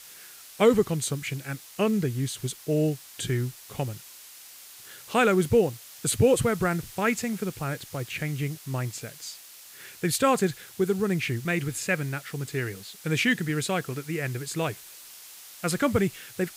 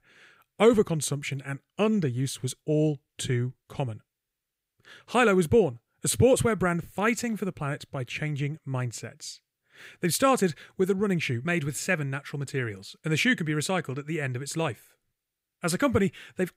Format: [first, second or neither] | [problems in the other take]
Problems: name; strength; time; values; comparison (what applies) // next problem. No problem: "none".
second | hiss; noticeable; throughout; 15 dB below the speech